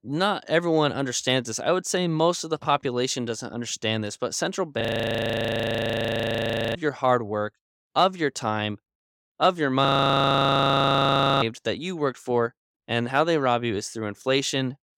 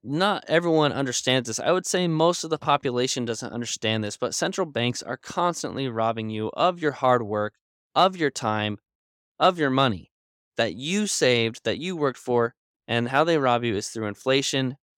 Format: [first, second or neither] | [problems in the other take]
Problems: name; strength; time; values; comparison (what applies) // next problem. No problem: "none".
second | audio freezing; at 5 s for 2 s and at 10 s for 1.5 s